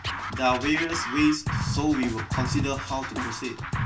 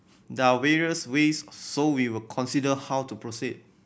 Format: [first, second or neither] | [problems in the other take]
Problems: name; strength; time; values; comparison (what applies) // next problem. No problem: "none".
second | background sound (Scratching (performance technique)); 3 dB below the speech // room echo; dies away in 0.2 s